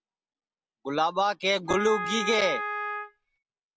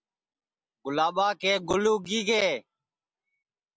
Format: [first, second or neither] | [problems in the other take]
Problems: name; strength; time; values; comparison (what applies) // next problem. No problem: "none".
second | background sound (Wind instrument, woodwind instrument); 5 dB below the speech